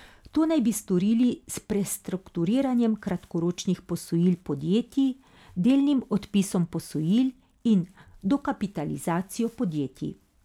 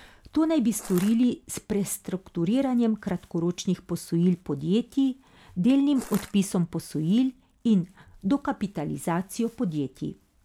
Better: first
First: none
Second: background sound (Crushing); 14 dB below the speech

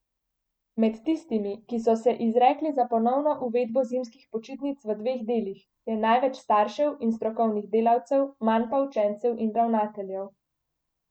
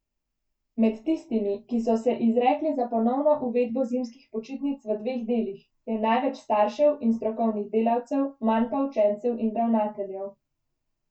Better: first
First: none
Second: room echo; dies away in 0.1 s

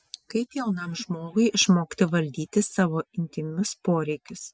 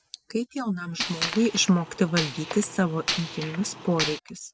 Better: first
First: none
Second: background sound (Gunshot, gunfire); 6 dB below the speech

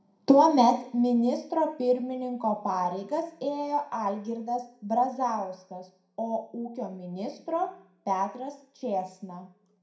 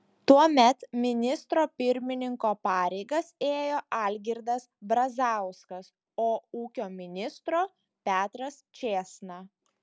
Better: second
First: room echo; dies away in 0.5 s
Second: none

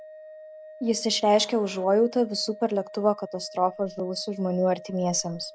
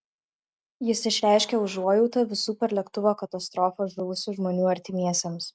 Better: second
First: background sound (Organ); 18 dB below the speech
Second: none

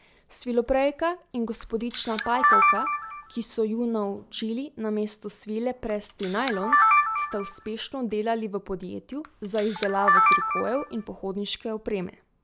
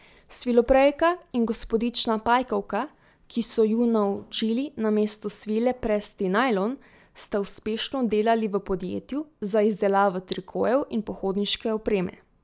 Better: second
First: background sound (Camera); 4 dB above the speech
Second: none

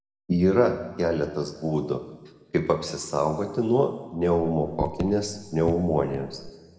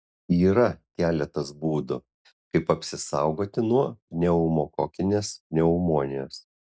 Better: second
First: background sound (Raindrop / Drip); 12 dB below the speech // room echo; dies away in 1.3 s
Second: none

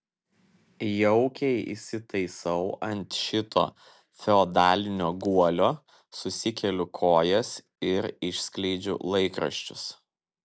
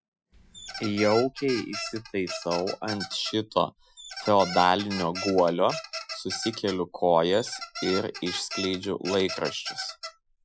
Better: first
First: none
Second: noise reduction (classical method Wiener filter)

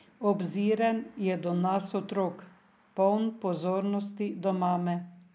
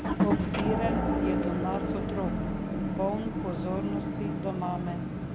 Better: first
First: none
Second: background sound (Motor vehicle (road) / Engine); 5 dB above the speech

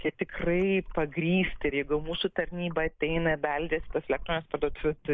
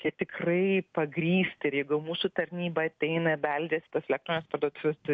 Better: second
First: noise reduction (neural mask model Resemble Enhance denoiser)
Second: none

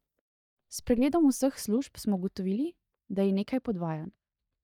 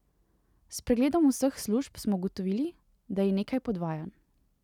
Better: second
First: noise reduction (neural mask model DeepFilterNet 3)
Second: none

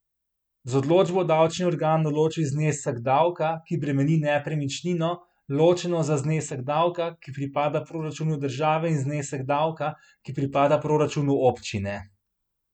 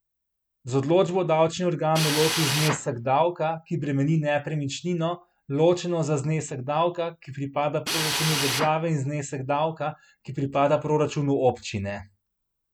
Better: first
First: none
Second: background sound (Drill); 3 dB below the speech

